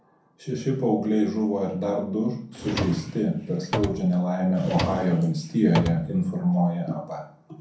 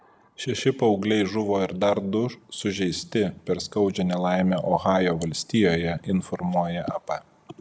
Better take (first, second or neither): second